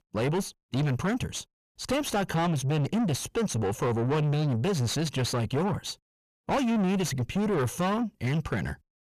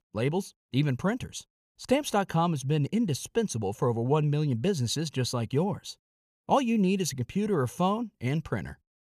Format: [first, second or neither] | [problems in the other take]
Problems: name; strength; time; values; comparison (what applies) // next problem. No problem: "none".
second | distortion; heavy; 7 dB below the speech